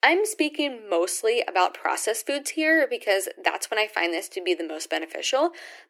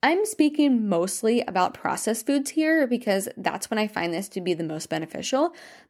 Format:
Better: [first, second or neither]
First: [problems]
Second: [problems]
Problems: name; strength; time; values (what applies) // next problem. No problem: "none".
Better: second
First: thin; very; fading below 350 Hz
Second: none